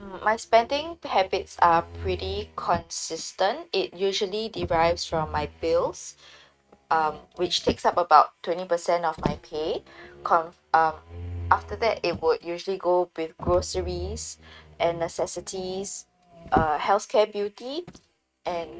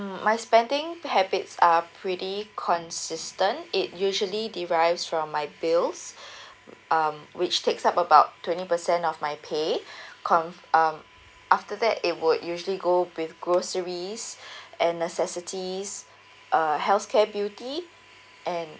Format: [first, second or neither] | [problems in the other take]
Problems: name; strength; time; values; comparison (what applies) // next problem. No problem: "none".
second | noise reduction (neural mask model RNNoise)